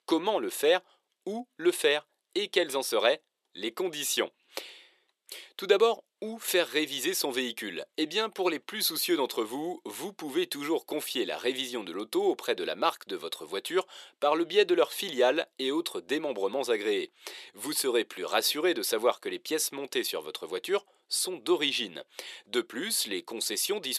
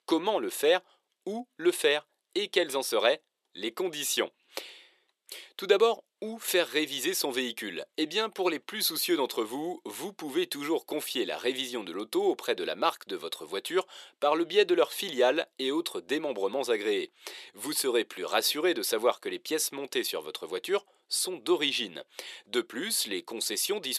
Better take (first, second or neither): neither